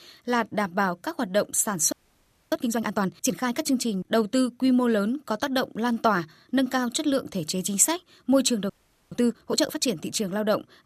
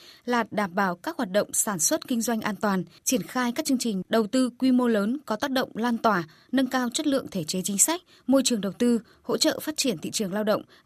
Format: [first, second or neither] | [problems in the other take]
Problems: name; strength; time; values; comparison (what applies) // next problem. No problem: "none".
second | audio freezing; at 2 s for 0.5 s and at 8.5 s